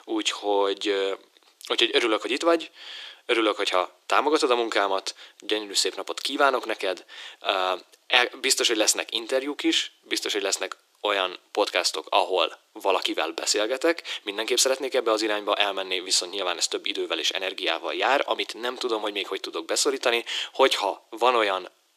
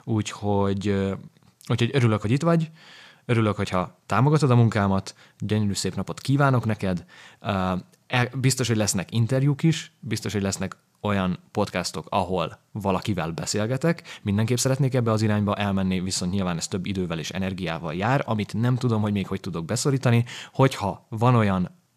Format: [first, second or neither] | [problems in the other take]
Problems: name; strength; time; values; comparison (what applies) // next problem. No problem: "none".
second | thin; very; fading below 300 Hz